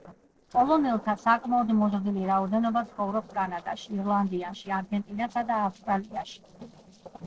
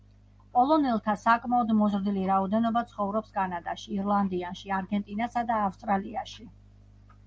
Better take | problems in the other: second | noise reduction (neural separator model SepFormer DNS4)

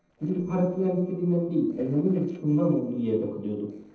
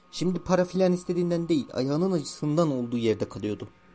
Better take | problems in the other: second | noise reduction (neural separator model SepFormer DNS4)

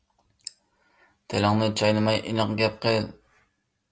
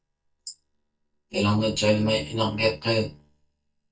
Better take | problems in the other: first | noise reduction (neural mask model DeepFilterNet 3)

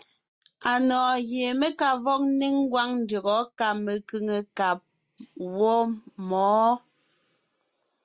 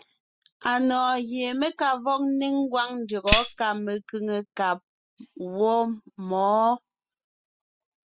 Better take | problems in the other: first | noise reduction (classical method spectral subtraction)

